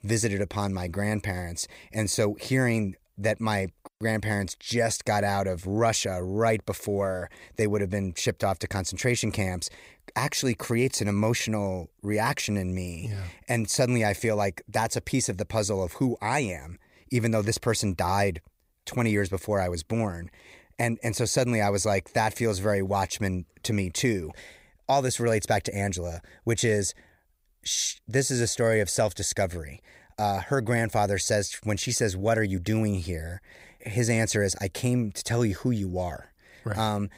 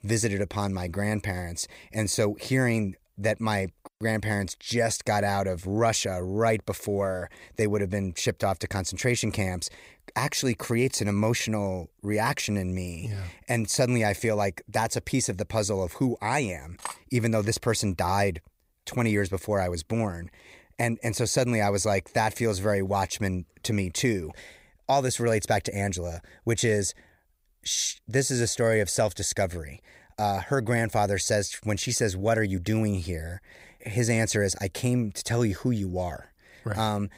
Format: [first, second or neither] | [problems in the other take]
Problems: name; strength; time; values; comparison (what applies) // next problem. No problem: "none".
first | clattering dishes; faint; at 17 s; peak 10 dB below the speech